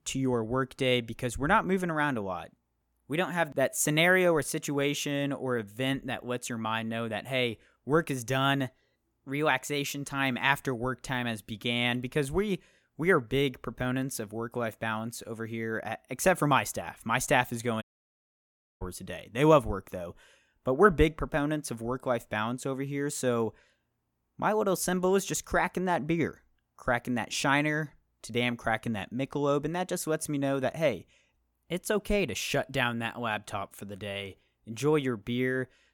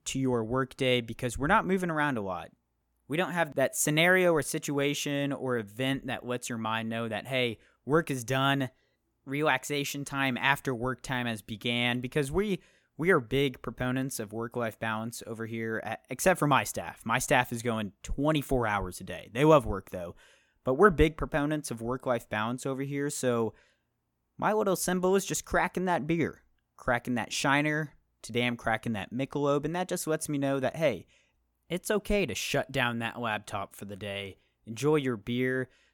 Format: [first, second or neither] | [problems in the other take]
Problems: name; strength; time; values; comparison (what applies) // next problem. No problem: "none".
second | audio cutting out; at 18 s for 1 s